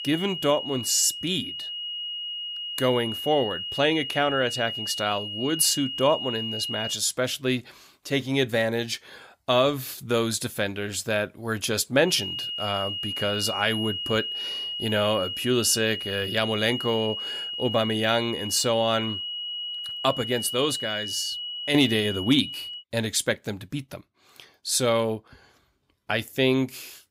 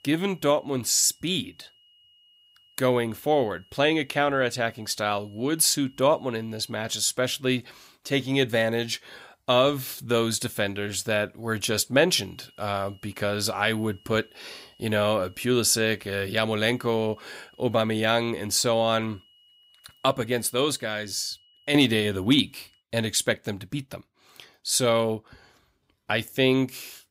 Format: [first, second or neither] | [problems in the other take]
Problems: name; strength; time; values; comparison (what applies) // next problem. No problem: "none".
second | high-pitched whine; loud; until 7 s and from 12 to 23 s; 3 kHz, 5 dB below the speech; faint in the second